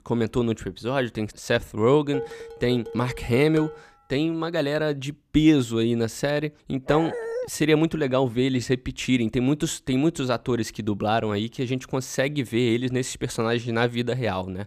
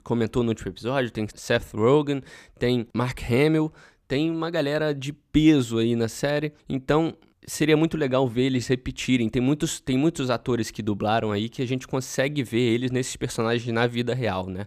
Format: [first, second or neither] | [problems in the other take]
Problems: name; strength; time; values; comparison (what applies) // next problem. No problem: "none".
second | clattering dishes; noticeable; from 2 to 4 s; peak 8 dB below the speech // dog barking; noticeable; at 7 s; peak 6 dB below the speech